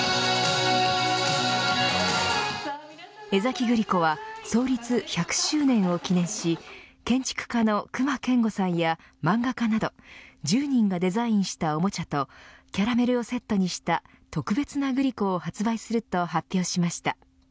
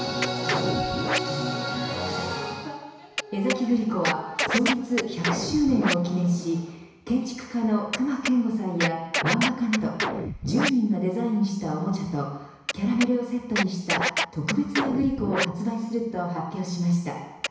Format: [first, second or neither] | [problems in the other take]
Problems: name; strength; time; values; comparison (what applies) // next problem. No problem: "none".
first | background sound (Scratching (performance technique)); 6 dB below the speech // room echo; dies away in 1 s